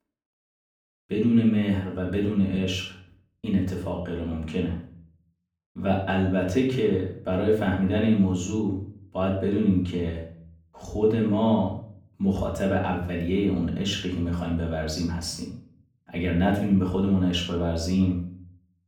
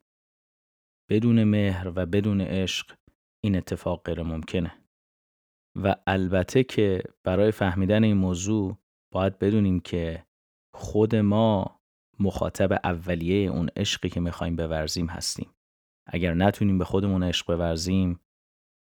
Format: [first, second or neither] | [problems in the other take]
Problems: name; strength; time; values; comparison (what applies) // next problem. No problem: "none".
second | off-mic speech; far // room echo; noticeable; dies away in 0.5 s